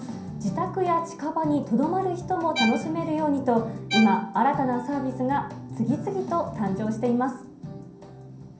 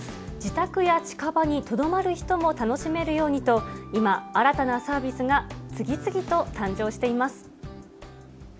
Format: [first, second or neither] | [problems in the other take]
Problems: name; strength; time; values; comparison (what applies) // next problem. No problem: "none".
second | background sound (Bowed string instrument); 8 dB below the speech // room echo; dies away in 0.6 s